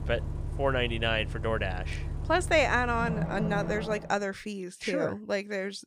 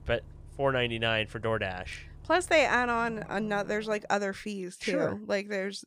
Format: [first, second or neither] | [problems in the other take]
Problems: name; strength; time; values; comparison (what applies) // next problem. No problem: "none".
second | traffic noise; loud; until 4 s; 6 dB below the speech; faint in the second